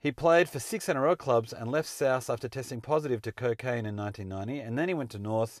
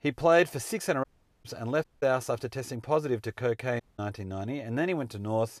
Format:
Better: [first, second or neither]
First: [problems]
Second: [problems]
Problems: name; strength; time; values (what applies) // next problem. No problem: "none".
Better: first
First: none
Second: audio cutting out; at 1 s, at 2 s and at 4 s